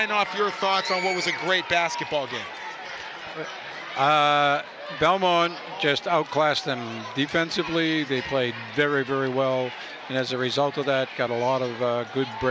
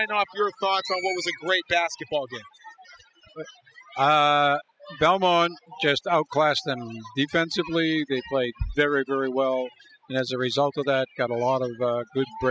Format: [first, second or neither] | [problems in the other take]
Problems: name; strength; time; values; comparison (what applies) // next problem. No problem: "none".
first | noise reduction (classical method spectral subtraction)